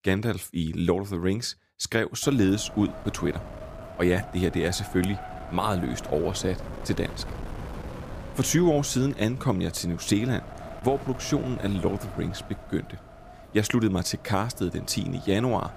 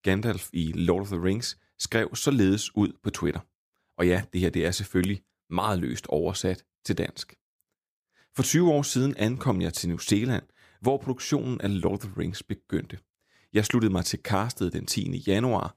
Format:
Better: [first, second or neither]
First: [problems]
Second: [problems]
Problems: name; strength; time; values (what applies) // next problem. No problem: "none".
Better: second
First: wind noise on the microphone; occasional gusts; from 2 s on; 15 dB below the speech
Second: none